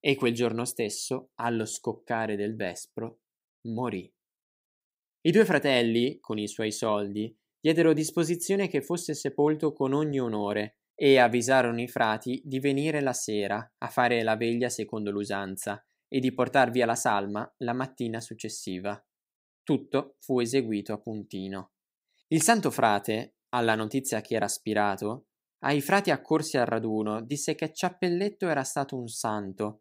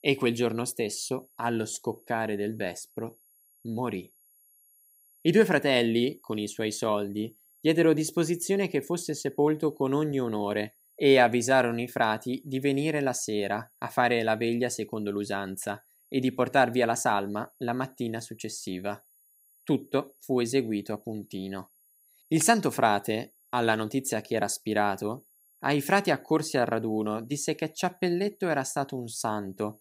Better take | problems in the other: first | high-pitched whine; faint; throughout; 11.5 kHz, 30 dB below the speech

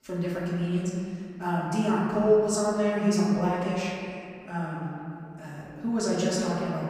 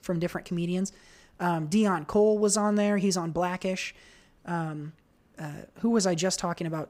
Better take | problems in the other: second | off-mic speech; far // room echo; noticeable; dies away in 2.4 s

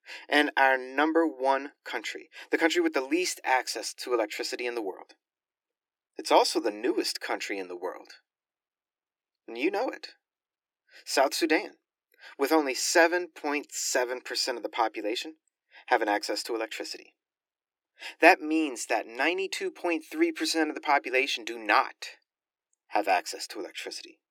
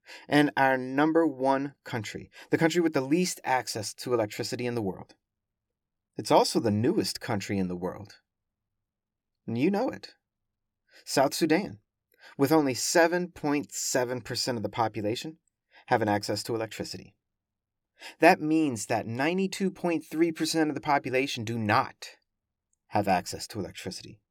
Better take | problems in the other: second | thin; somewhat; fading below 350 Hz

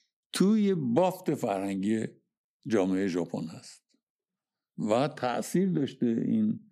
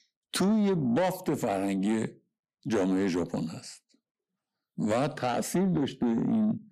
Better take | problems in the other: first | distortion; slight; 10 dB below the speech

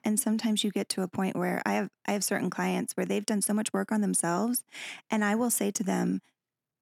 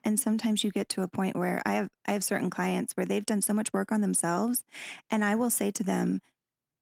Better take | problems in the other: first | garbled, watery; slightly; nothing above 15.5 kHz

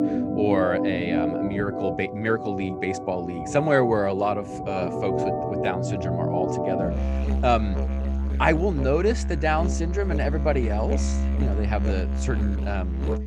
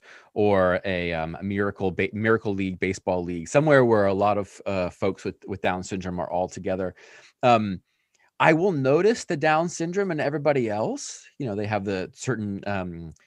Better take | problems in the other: second | background music; loud; throughout; 1 dB below the speech

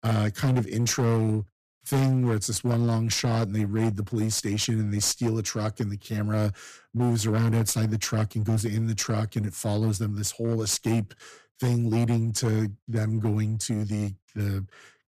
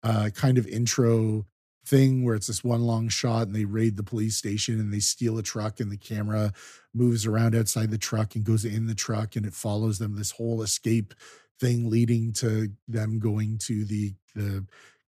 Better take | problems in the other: second | distortion; slight; 14% of the sound clipped

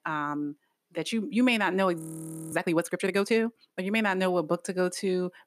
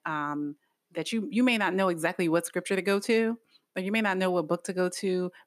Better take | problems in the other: second | audio freezing; at 2 s for 0.5 s

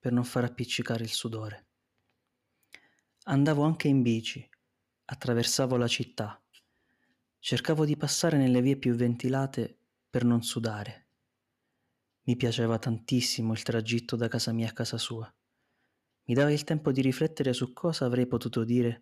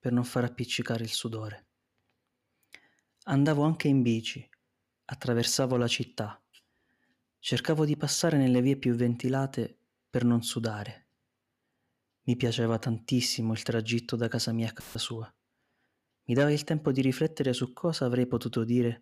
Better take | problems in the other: first | audio cutting out; filled with static; at 15 s

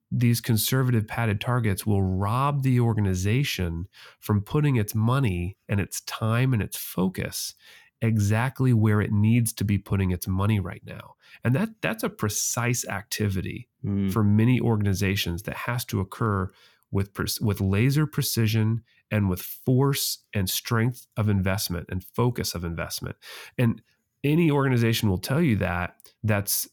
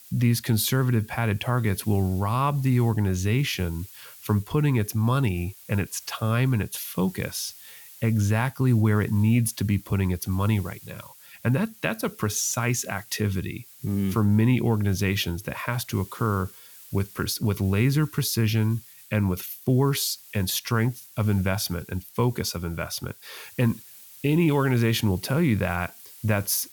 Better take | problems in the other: first | hiss; faint; throughout; 20 dB below the speech

